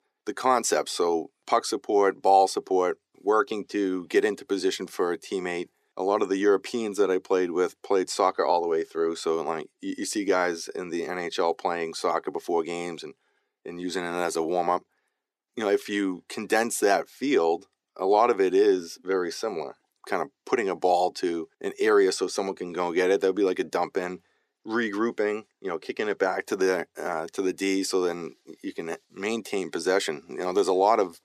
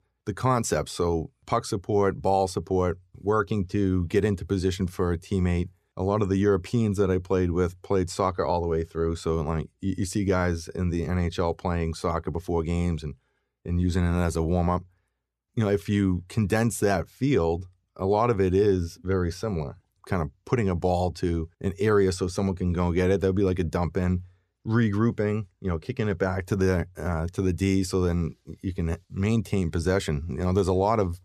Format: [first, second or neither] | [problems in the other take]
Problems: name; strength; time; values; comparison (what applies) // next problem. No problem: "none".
second | thin; somewhat; fading below 300 Hz